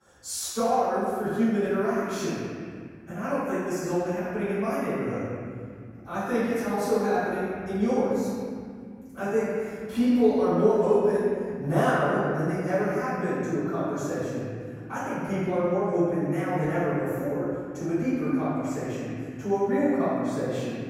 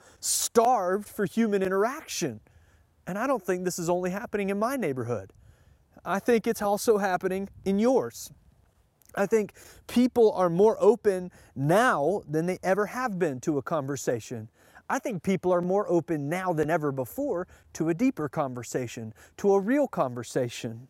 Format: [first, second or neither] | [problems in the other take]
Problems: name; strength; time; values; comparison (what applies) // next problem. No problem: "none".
second | off-mic speech; far // room echo; strong; dies away in 2.4 s